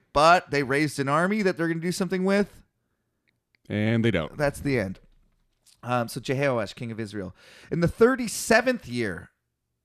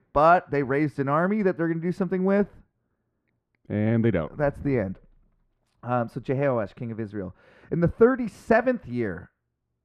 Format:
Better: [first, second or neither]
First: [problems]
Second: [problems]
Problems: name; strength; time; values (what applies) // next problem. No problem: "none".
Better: first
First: none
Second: muffled; very; fading above 2.5 kHz